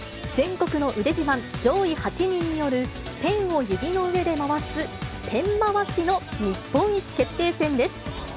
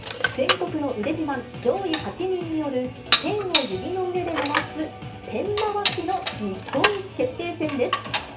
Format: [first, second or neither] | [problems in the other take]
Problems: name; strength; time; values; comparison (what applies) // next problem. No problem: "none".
first | background sound (Dishes, pots, and pans); 3 dB below the speech // room echo; dies away in 0.3 s